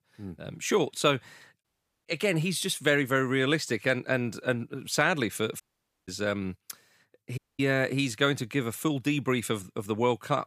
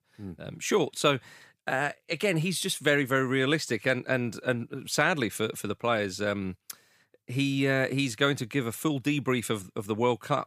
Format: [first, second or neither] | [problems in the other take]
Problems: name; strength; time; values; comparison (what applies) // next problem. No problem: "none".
second | audio cutting out; at 1.5 s, at 5.5 s and at 7.5 s